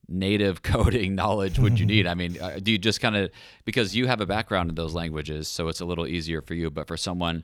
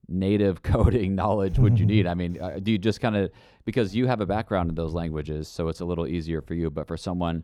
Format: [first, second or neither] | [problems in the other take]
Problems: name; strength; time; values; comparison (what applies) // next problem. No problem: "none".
first | muffled; slightly; fading above 1.5 kHz